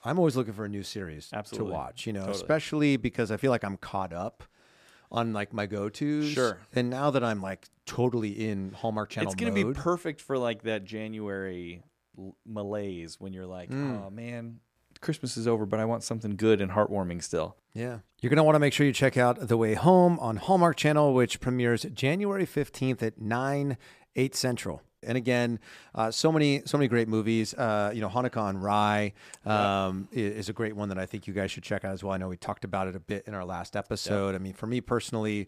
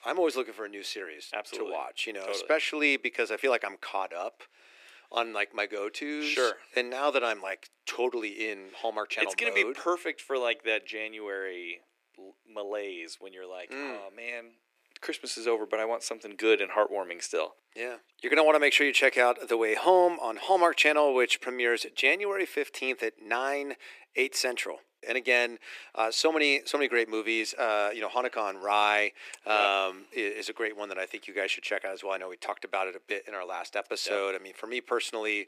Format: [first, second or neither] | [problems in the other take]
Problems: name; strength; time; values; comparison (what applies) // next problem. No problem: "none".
first | thin; very; fading below 350 Hz